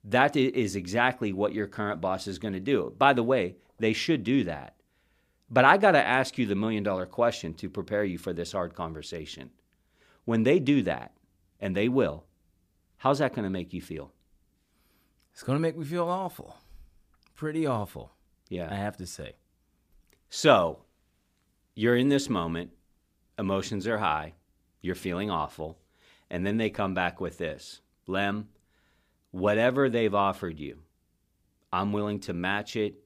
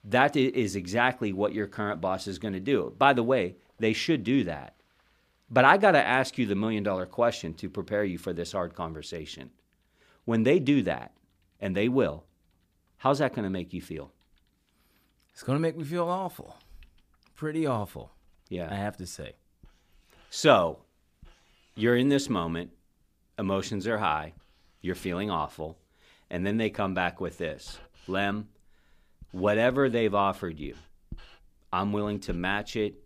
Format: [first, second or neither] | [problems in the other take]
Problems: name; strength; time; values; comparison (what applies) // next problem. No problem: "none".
first | household noises; faint; throughout; 30 dB below the speech